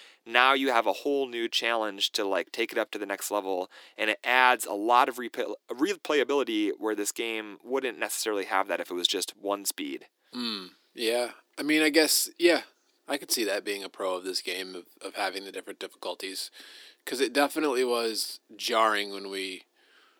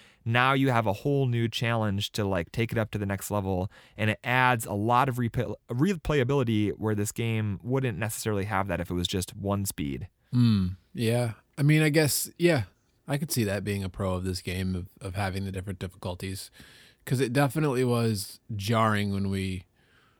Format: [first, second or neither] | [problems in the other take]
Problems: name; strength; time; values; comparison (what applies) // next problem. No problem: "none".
second | thin; somewhat; fading below 300 Hz